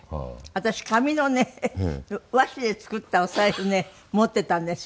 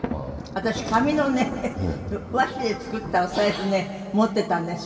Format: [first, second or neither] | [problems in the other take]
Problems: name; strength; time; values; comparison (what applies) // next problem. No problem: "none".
first | background sound (Thunder); 11 dB below the speech // room echo; dies away in 2.6 s